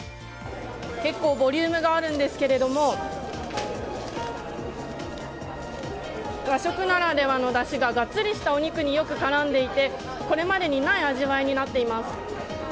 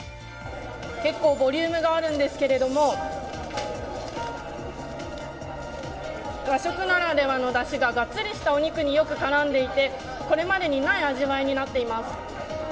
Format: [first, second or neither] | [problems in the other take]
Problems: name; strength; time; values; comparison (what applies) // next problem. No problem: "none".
first | room echo; dies away in 1.3 s